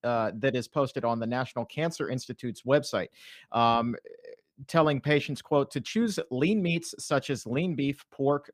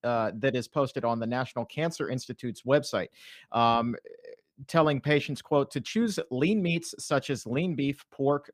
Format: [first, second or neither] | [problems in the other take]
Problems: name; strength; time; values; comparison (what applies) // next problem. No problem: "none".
neither | none